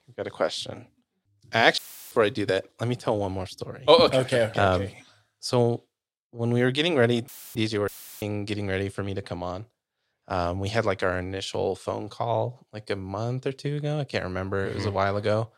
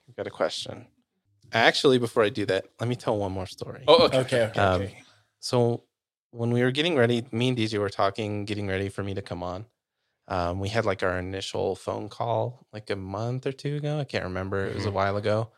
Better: second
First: audio cutting out; filled with static; at 2 s, at 7.5 s and at 8 s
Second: none

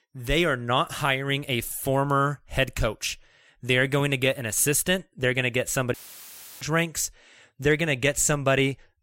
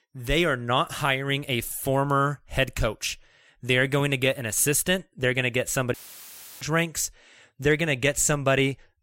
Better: neither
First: audio cutting out; filled with static; at 6 s for 0.5 s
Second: audio cutting out; filled with static; at 6 s for 0.5 s

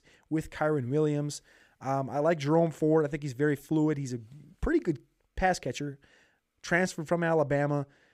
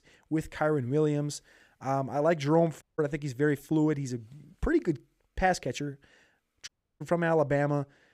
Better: first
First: none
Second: audio cutting out; at 3 s and at 6.5 s

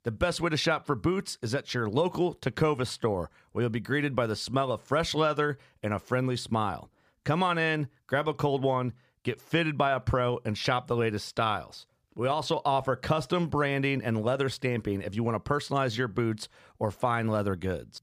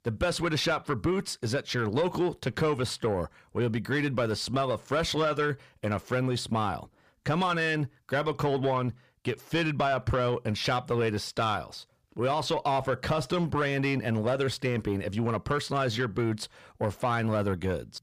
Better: first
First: none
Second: distortion; slight; 10 dB below the speech

